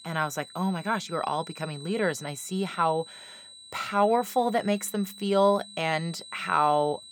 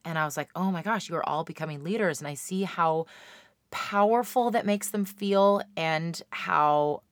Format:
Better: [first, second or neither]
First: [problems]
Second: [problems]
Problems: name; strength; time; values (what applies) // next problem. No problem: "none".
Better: second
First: high-pitched whine; noticeable; throughout; 4 kHz, 15 dB below the speech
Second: none